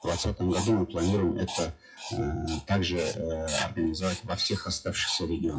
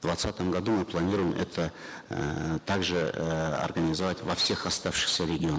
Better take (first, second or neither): second